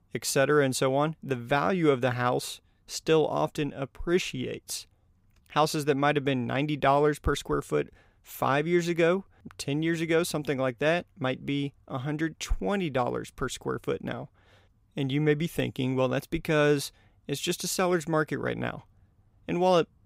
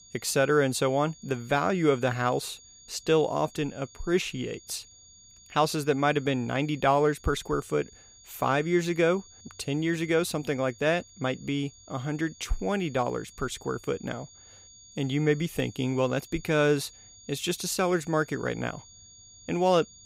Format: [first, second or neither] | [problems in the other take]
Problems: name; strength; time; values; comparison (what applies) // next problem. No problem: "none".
first | high-pitched whine; faint; throughout; 6.5 kHz, 25 dB below the speech